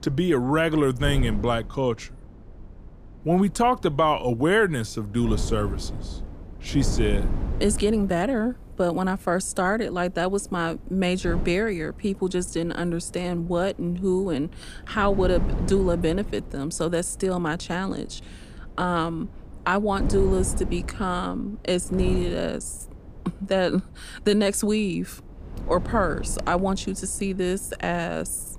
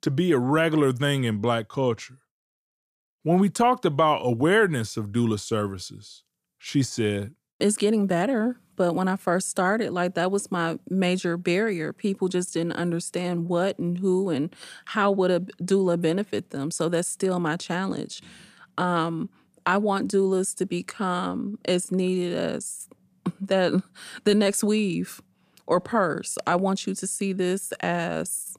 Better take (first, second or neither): second